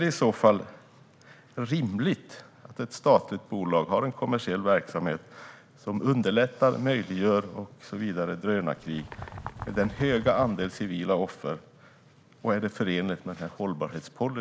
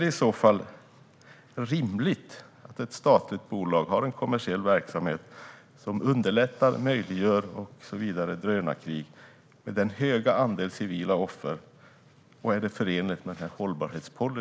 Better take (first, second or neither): second